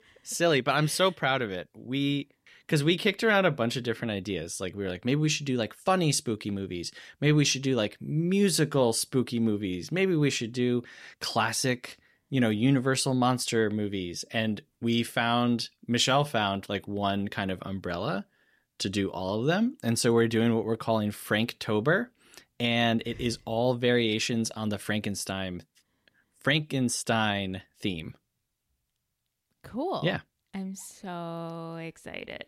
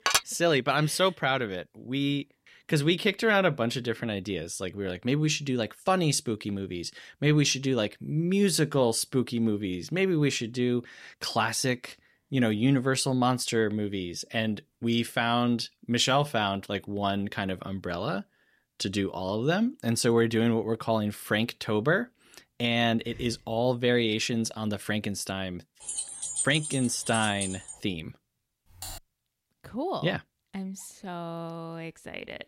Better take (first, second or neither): first